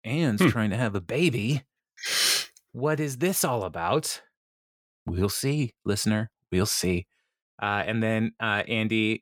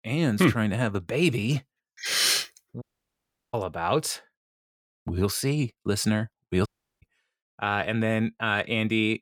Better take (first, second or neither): first